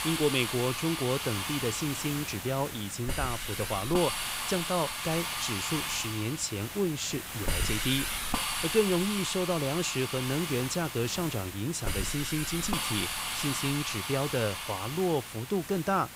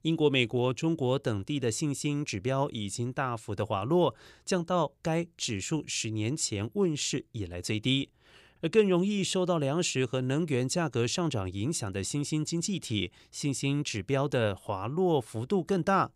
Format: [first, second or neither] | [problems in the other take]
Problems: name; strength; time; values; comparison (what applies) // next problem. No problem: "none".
second | hiss; loud; throughout; 2 dB below the speech